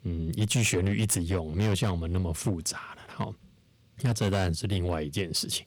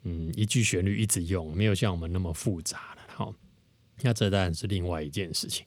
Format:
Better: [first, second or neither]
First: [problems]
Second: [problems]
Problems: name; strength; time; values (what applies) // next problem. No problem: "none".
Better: second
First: distortion; slight; 6% of the sound clipped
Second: none